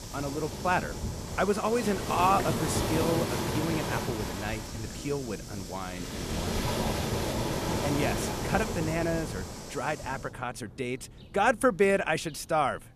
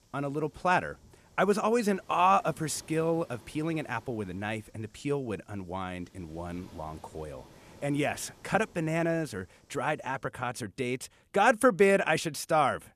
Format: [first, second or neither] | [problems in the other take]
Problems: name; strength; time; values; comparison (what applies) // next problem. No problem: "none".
second | rain or running water; loud; throughout; 3 dB below the speech; faint in the second